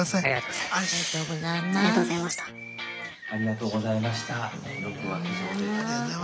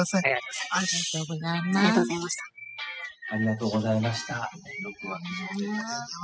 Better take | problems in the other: first | noise reduction (classical method spectral subtraction)

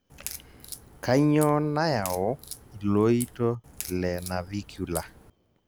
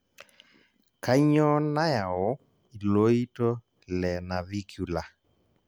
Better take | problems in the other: second | background sound (Crack); 15 dB below the speech

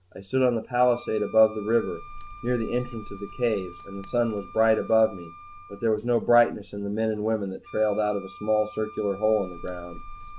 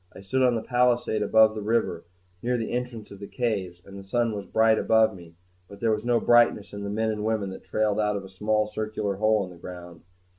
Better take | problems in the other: second | background sound (Wind instrument, woodwind instrument + Bird); 17 dB below the speech

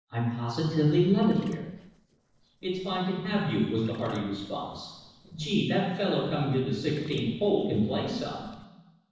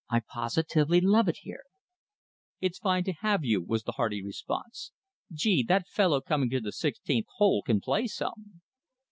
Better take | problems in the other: second | noise reduction (neural separator model SepFormer DNS4)

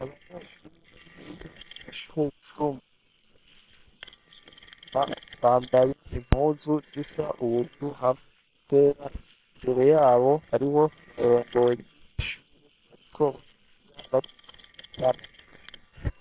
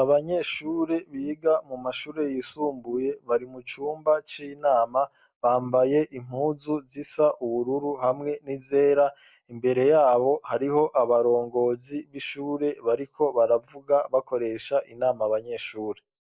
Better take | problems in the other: second | noise reduction (neural separator model SepFormer WHAM!)

